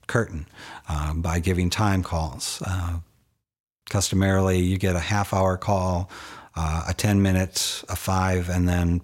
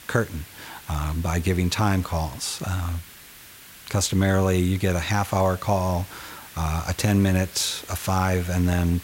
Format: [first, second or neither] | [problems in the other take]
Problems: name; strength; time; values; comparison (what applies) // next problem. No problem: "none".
first | hiss; noticeable; throughout; 20 dB below the speech